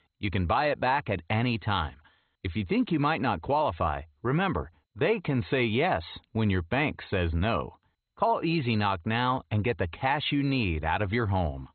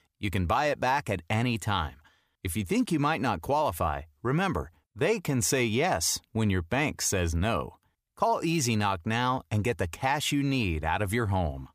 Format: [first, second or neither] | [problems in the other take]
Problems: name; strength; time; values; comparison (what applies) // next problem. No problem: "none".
second | garbled, watery; badly; nothing above 4 kHz